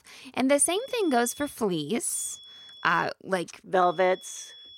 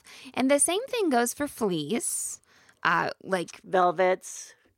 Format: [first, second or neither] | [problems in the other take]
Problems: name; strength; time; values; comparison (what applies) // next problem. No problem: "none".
second | high-pitched whine; noticeable; at 0.5 s, at 2 s and at 4 s; 3.5 kHz, 20 dB below the speech